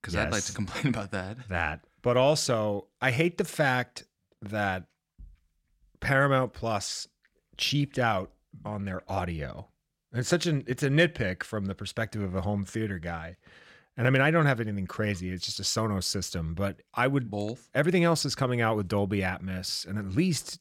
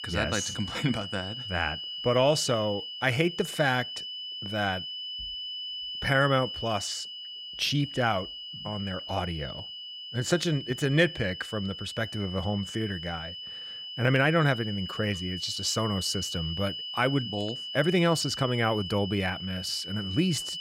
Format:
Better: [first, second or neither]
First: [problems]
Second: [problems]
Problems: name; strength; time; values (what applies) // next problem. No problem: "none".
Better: first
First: none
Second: high-pitched whine; loud; throughout; 3 kHz, 7 dB below the speech